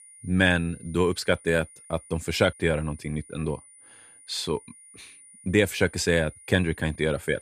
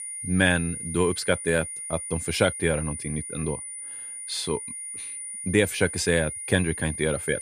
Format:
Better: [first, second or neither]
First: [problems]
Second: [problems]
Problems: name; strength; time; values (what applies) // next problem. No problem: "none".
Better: first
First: high-pitched whine; faint; throughout; 9.5 kHz, 20 dB below the speech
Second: high-pitched whine; loud; throughout; 9.5 kHz, 7 dB below the speech